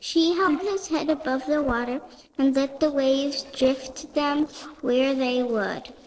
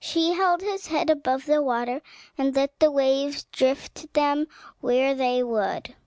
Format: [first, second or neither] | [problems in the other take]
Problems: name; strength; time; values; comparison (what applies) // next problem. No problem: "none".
second | noise reduction (neural separator model SepFormer DNS4)